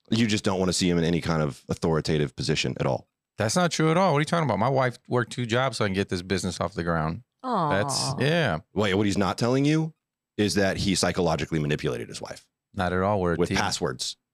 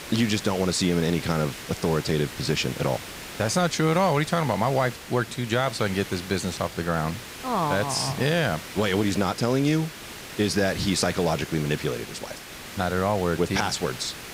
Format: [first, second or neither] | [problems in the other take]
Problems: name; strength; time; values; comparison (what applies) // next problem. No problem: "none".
first | hiss; noticeable; throughout; 10 dB below the speech